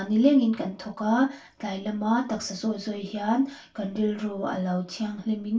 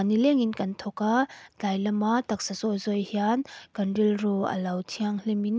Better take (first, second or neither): second